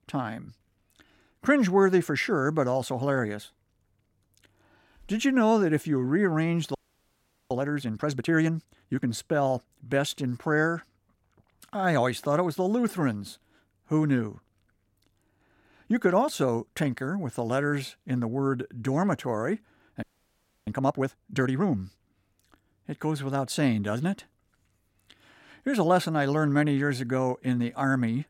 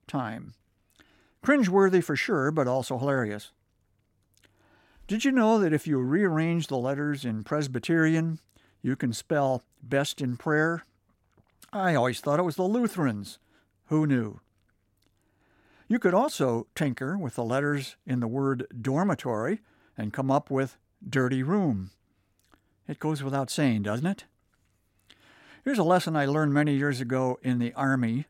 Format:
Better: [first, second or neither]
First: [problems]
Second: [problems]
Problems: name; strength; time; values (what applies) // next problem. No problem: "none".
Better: second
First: audio freezing; at 7 s for 1 s and at 20 s for 0.5 s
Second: none